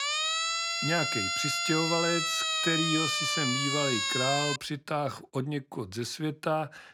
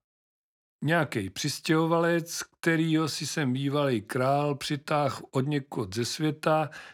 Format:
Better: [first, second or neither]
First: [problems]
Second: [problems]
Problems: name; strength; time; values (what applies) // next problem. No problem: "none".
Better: second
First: siren; loud; until 4.5 s; peak 5 dB above the speech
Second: none